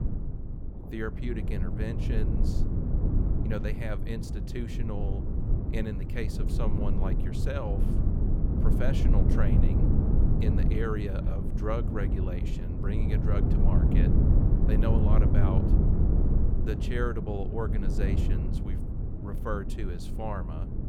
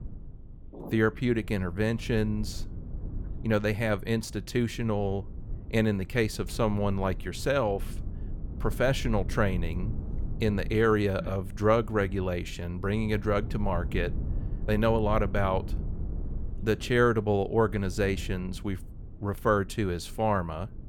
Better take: second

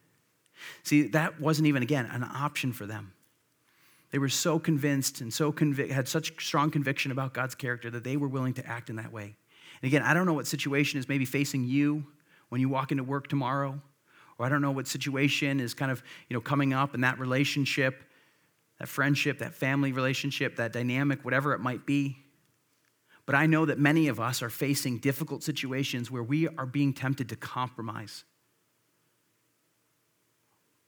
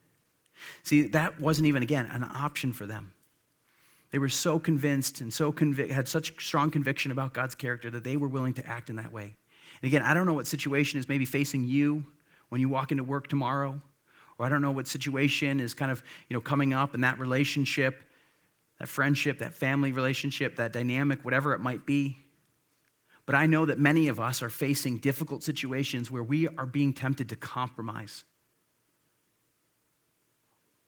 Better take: first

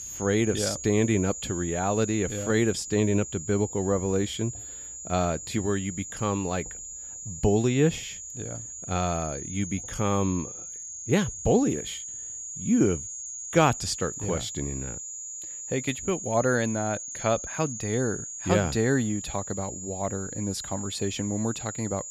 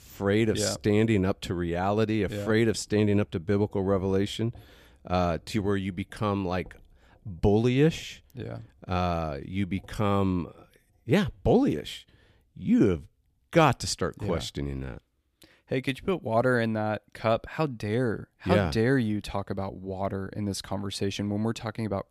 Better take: second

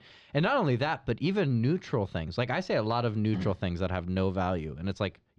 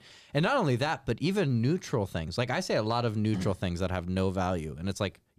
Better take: second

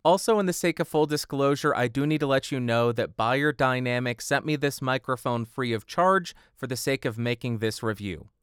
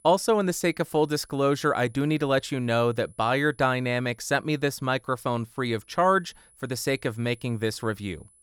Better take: first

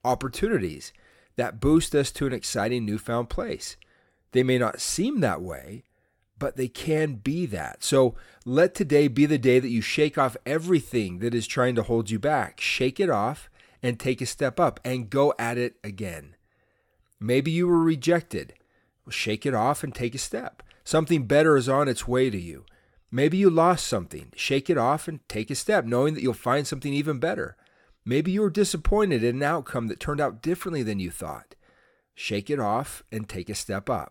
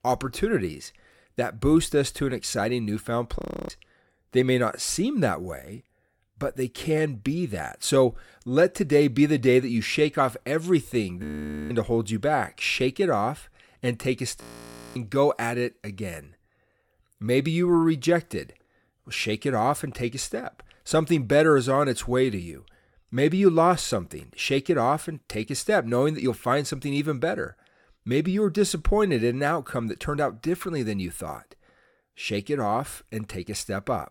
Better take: first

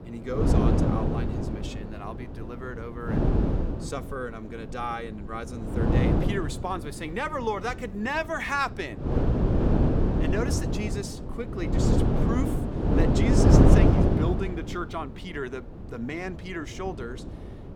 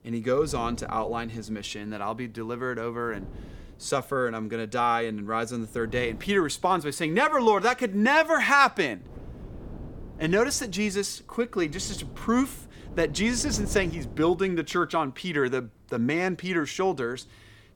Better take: second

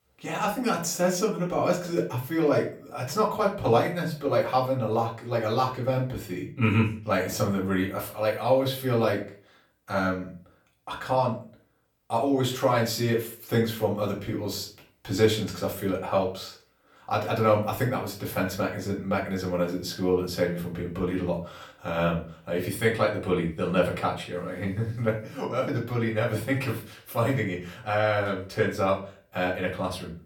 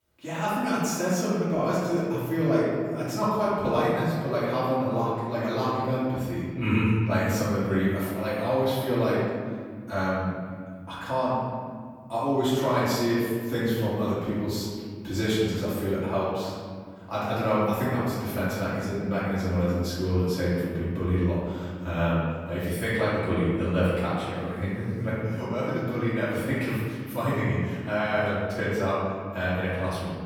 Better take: first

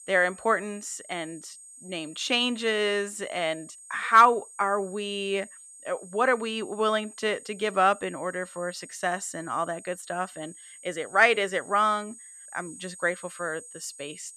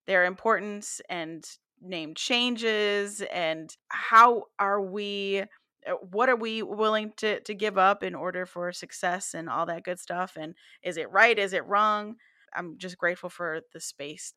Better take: second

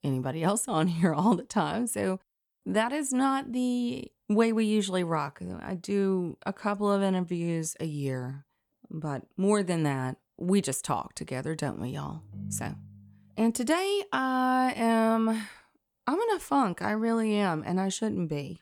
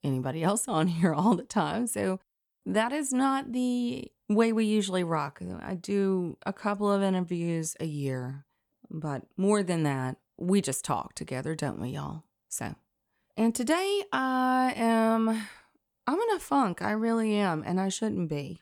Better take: second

